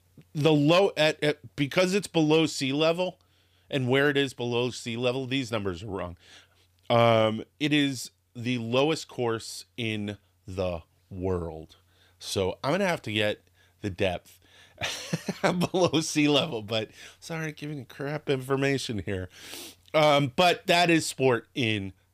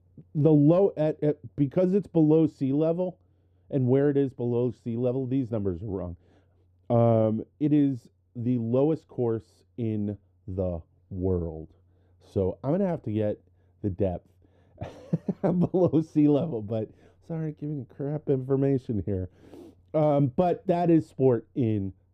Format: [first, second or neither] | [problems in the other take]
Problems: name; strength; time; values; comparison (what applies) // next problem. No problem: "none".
first | muffled; very; fading above 1 kHz